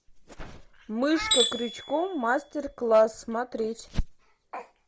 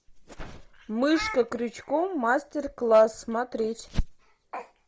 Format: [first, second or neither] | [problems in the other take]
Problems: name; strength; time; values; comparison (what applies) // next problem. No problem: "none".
second | background sound (Tools); 6 dB below the speech